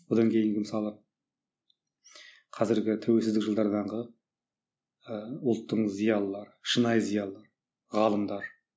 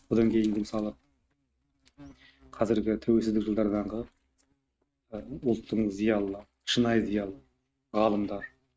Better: first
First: none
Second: noise reduction (neural mask model RNNoise)

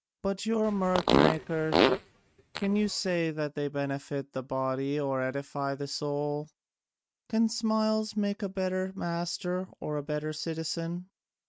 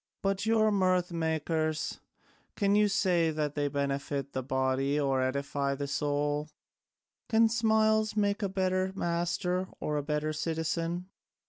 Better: second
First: noise reduction (neural mask model RNNoise)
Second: none

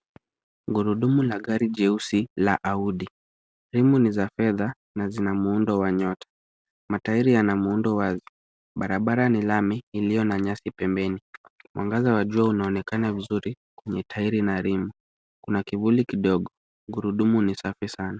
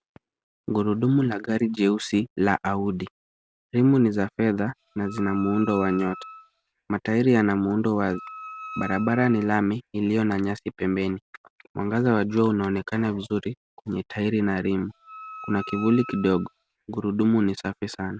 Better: first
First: none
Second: background sound (Wind instrument, woodwind instrument); 16 dB below the speech

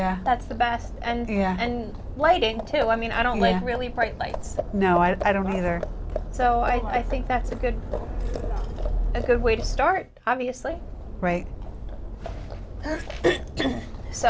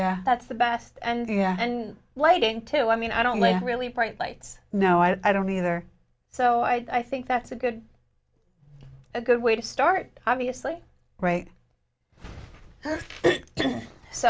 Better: second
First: background sound (Livestock, farm animals, working animals); 5 dB below the speech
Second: none

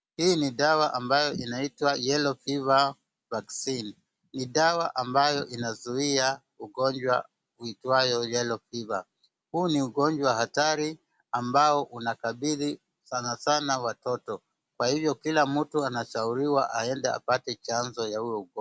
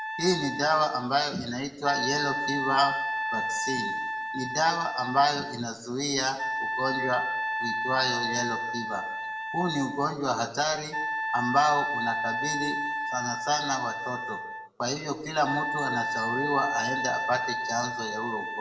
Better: first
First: none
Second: background sound (Wind instrument, woodwind instrument); 3 dB below the speech // room echo; dies away in 0.7 s

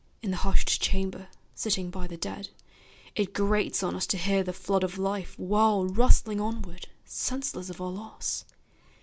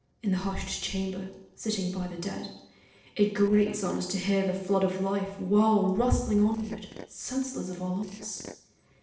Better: first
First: none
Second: noise reduction (neural separator model SepFormer DNS4)

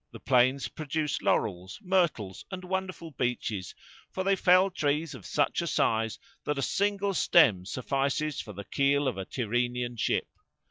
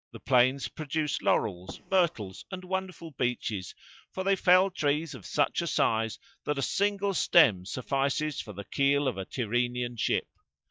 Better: first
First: none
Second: noise reduction (neural mask model DeepFilterNet 3)

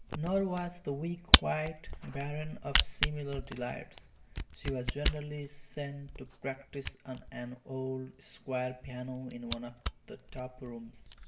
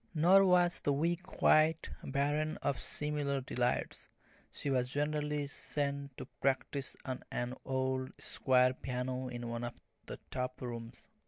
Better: second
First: background sound (Camera); 2 dB above the speech // room echo; dies away in 0.7 s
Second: none

